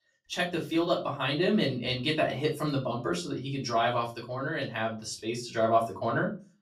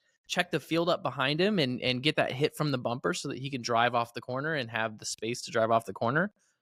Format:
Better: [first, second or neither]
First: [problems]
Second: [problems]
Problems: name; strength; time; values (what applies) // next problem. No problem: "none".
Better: second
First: off-mic speech; far // room echo; very slight; dies away in 0.3 s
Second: none